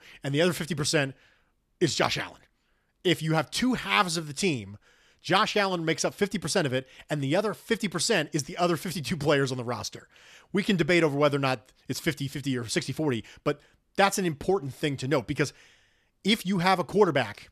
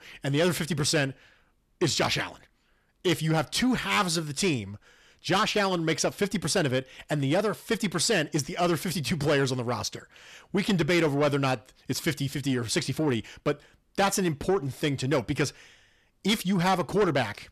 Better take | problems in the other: first | distortion; slight; 10 dB below the speech

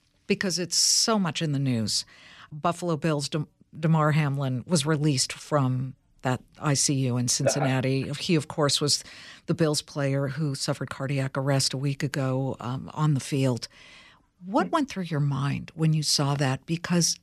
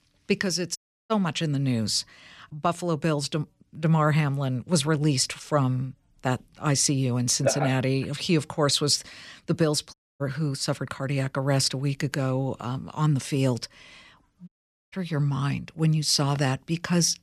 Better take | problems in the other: first | audio cutting out; at 1 s, at 10 s and at 14 s

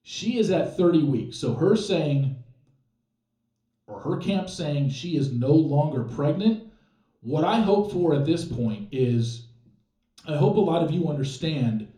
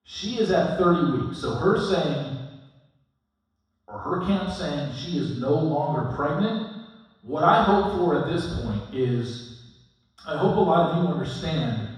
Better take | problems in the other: first | room echo; strong; dies away in 1.2 s; slight in the first // off-mic speech; far; somewhat distant in the first

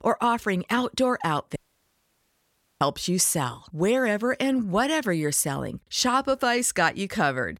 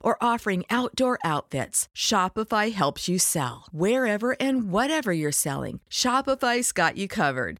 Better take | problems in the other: second | audio cutting out; at 1.5 s for 1.5 s

